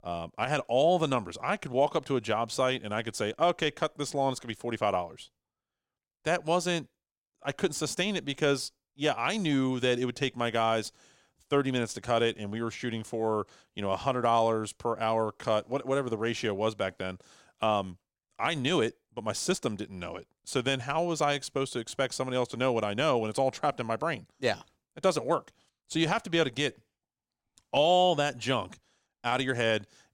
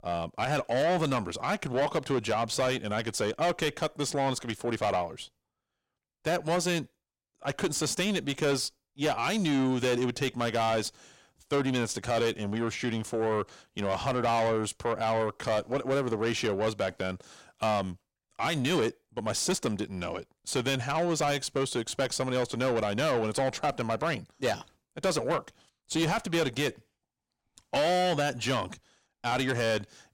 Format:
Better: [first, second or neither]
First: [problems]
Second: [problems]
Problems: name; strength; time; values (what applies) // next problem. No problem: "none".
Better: first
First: none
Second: distortion; heavy; 7 dB below the speech